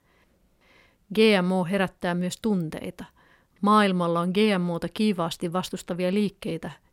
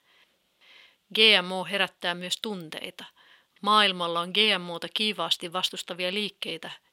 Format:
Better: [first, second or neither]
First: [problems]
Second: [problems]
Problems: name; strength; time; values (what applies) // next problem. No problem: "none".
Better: first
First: none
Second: thin; somewhat; fading below 800 Hz